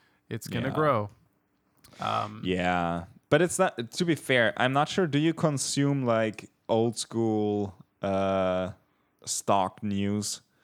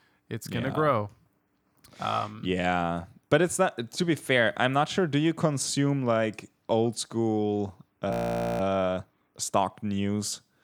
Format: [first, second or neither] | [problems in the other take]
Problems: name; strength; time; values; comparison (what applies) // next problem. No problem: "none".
first | audio freezing; at 8 s